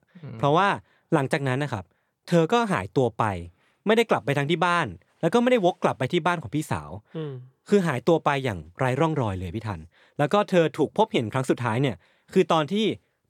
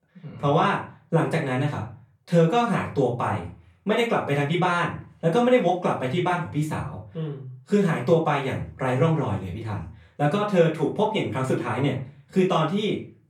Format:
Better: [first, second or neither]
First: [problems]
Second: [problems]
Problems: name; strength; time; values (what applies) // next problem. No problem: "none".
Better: first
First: none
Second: off-mic speech; far // room echo; slight; dies away in 0.3 s